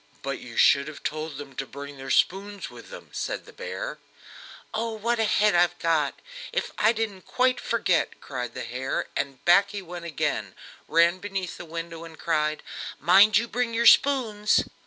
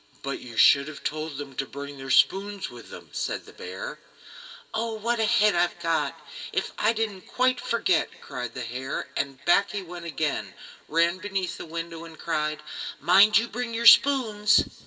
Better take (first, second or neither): first